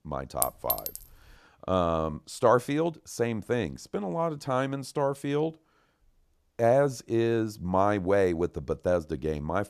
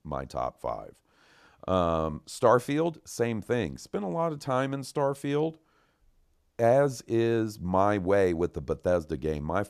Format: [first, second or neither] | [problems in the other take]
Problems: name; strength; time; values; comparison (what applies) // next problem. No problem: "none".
second | clattering dishes; noticeable; at 0.5 s; peak level with the speech